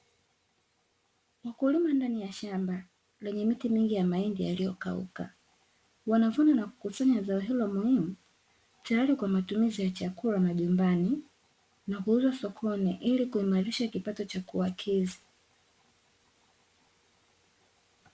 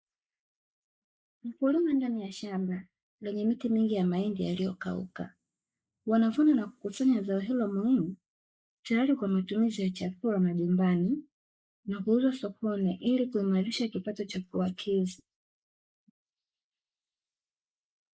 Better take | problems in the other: first | noise reduction (neural mask model Resemble Enhance denoiser)

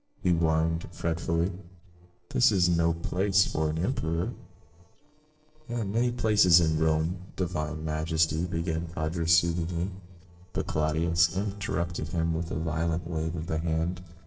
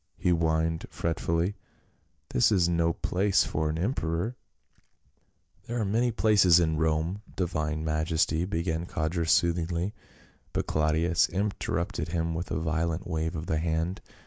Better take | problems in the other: second | noise reduction (neural separator model SepFormer DNS4)

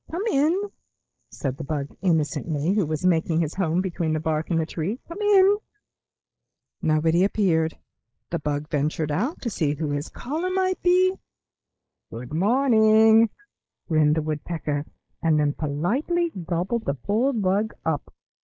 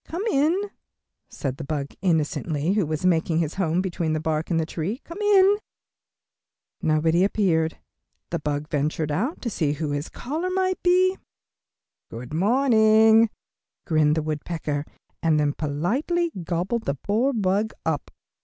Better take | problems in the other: second | noise reduction (neural mask model Resemble Enhance denoiser)

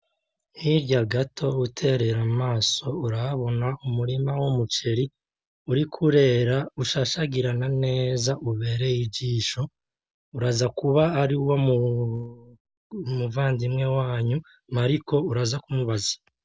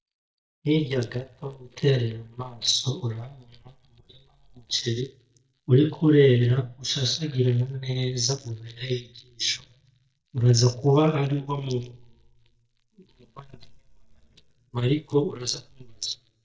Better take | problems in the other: first | noise reduction (neural mask model DeepFilterNet 3)

